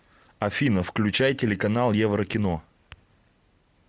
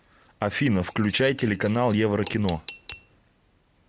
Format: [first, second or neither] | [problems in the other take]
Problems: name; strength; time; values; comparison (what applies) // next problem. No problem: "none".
first | background sound (Cutlery, silverware / Dishes, pots, and pans); 20 dB below the speech